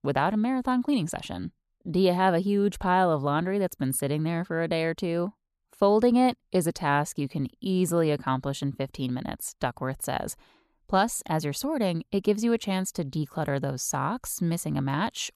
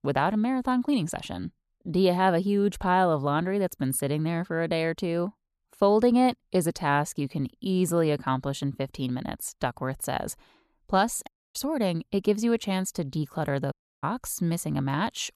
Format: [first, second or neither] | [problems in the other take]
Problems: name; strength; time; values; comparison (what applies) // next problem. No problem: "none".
first | audio cutting out; at 11 s and at 14 s